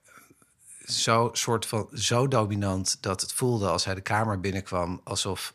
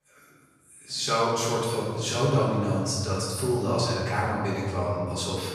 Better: first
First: none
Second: room echo; strong; dies away in 1.8 s // off-mic speech; far

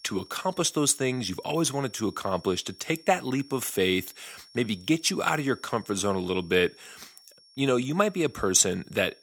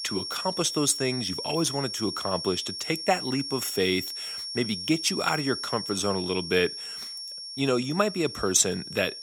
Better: first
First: high-pitched whine; faint; throughout; 5.5 kHz, 25 dB below the speech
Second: high-pitched whine; loud; throughout; 5.5 kHz, 6 dB below the speech

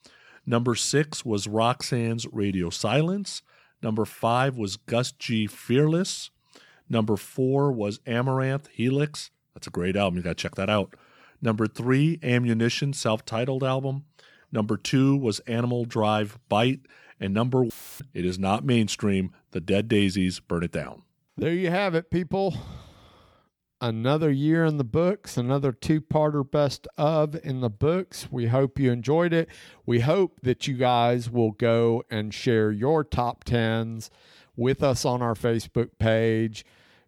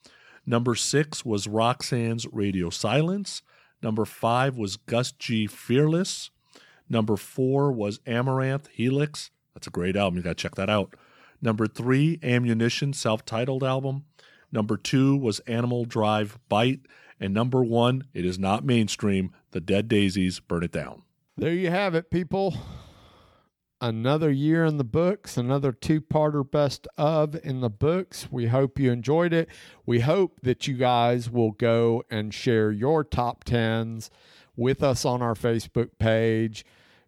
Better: second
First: audio cutting out; filled with static; at 18 s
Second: none

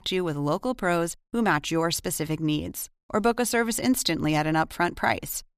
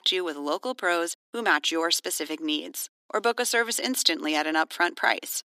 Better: first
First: none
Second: thin; somewhat; fading below 300 Hz

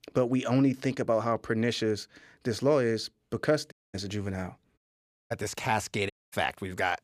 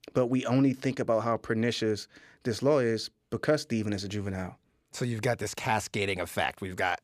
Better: second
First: audio cutting out; at 3.5 s, at 5 s for 0.5 s and at 6 s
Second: none

